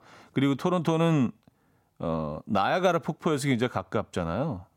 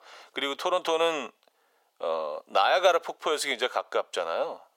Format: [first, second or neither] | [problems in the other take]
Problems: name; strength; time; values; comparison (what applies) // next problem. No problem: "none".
first | thin; very; fading below 500 Hz